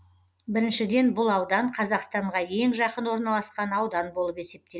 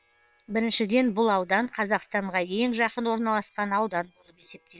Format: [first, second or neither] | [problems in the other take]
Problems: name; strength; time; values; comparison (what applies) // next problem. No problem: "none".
first | noise reduction (neural separator model SepFormer WHAM!)